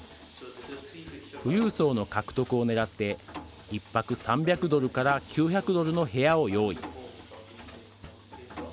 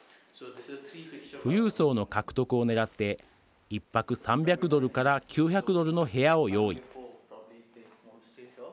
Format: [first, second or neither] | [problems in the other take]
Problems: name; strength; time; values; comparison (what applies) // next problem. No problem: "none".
second | background sound (Mechanisms); 18 dB below the speech